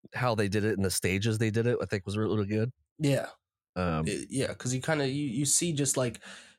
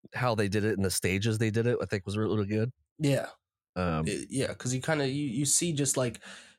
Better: neither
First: none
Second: none

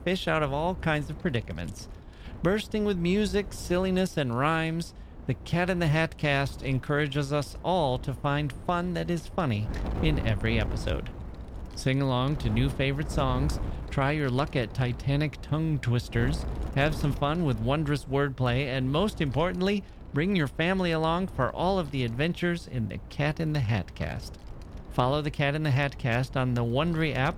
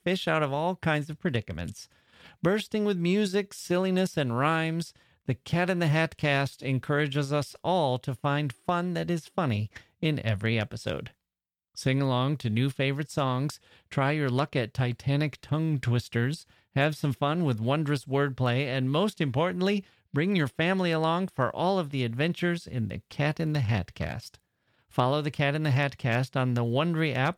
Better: second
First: wind noise on the microphone; occasional gusts; 20 dB below the speech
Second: none

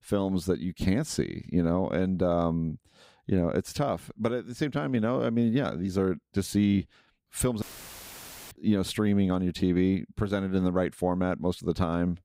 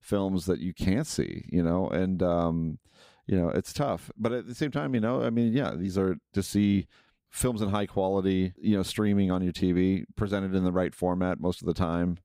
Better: second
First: audio cutting out; filled with static; at 7.5 s for 1 s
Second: none

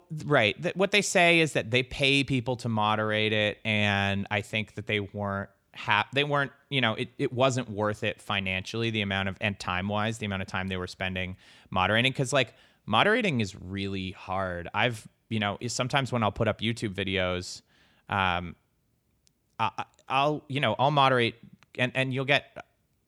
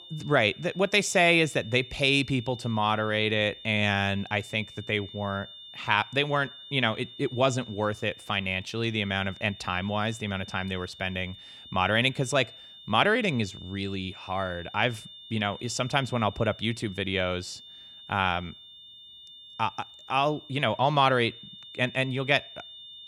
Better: first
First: none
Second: high-pitched whine; noticeable; throughout; 3.5 kHz, 15 dB below the speech

